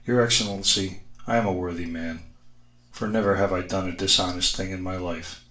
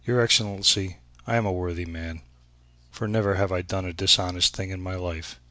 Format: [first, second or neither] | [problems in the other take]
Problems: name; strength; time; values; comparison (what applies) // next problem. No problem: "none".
second | room echo; dies away in 0.3 s